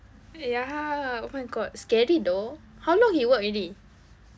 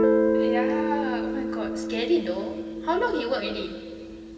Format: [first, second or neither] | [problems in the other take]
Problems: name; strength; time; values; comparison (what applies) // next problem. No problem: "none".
first | background sound (Guitar); 3 dB above the speech // room echo; dies away in 2 s